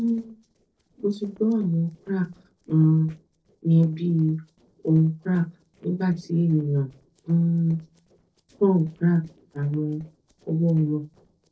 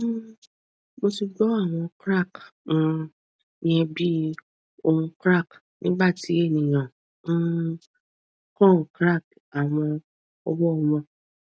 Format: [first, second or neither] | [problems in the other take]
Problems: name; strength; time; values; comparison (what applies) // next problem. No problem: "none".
second | noise reduction (neural separator model SepFormer DNS4)